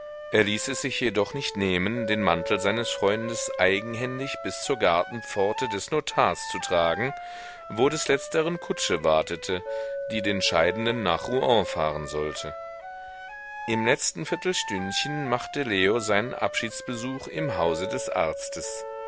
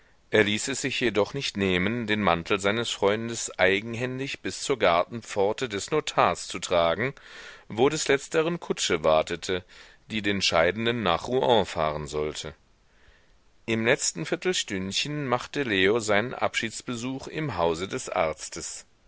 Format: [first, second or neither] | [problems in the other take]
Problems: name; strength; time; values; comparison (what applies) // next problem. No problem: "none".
second | background sound (Wind instrument, woodwind instrument + Chink, clink); 9 dB below the speech